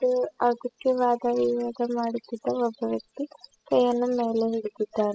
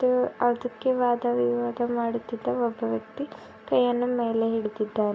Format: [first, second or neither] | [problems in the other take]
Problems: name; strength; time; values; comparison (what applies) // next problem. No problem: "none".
second | noise reduction (classical method spectral subtraction)